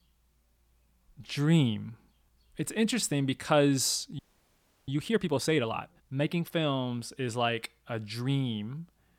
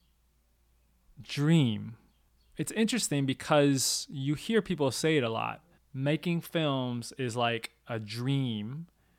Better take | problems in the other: second | audio freezing; at 4 s for 0.5 s

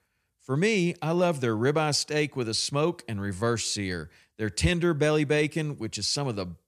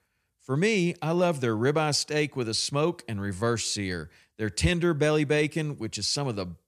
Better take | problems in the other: neither | none

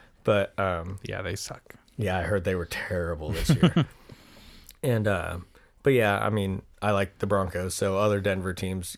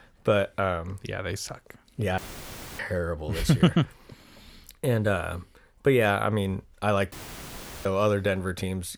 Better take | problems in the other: first | audio cutting out; filled with static; at 2 s for 0.5 s and at 7 s for 0.5 s

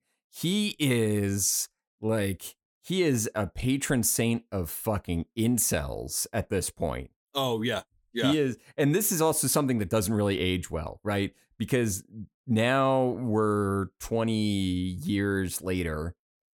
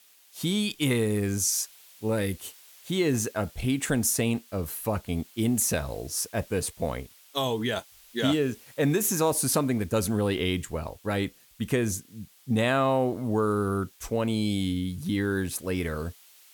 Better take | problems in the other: first | hiss; faint; throughout; 25 dB below the speech

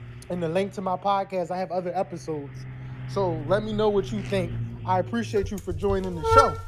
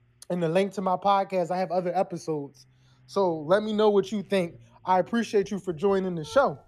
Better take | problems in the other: second | traffic noise; loud; throughout; 2 dB below the speech; faint in the second

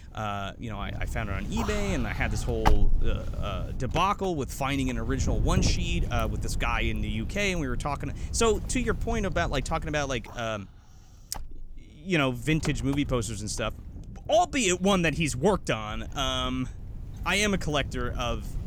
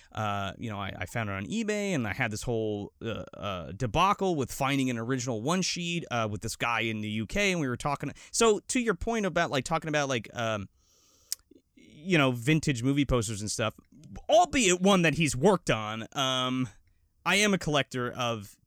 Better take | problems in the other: second | wind noise on the microphone; occasional gusts; 10 dB below the speech

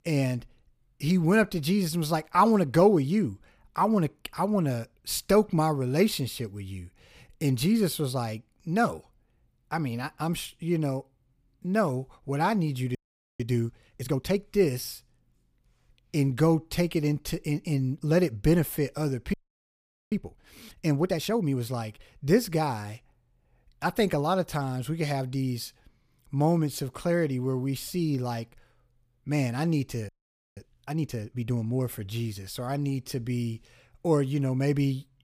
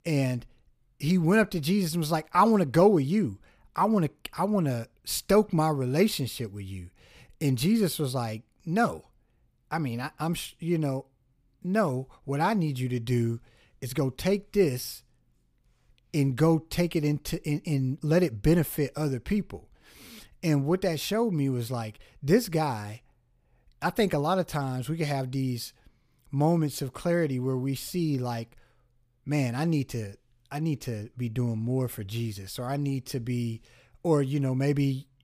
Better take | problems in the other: second | audio freezing; at 13 s, at 19 s for 1 s and at 30 s

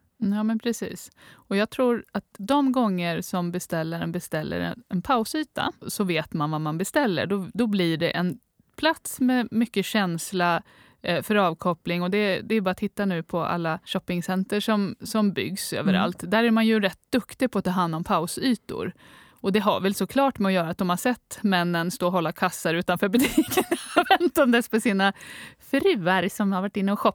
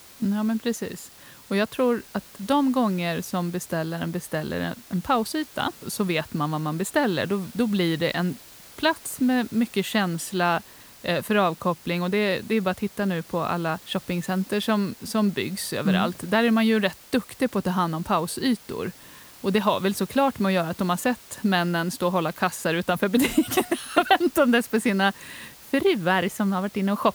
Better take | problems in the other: first | hiss; faint; throughout; 20 dB below the speech

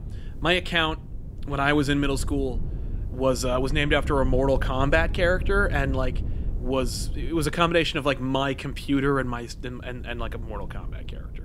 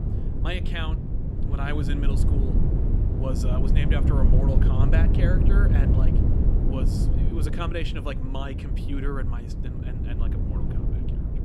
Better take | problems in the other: first | low rumble; loud; throughout; 2 dB below the speech; faint in the first

